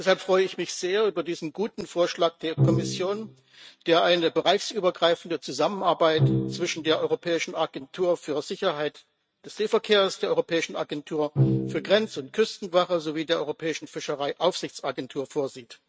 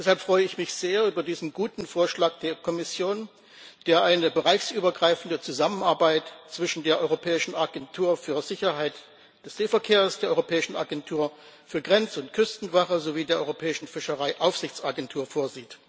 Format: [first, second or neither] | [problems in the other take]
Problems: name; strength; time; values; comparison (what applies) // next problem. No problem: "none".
second | noise reduction (neural mask model RNNoise)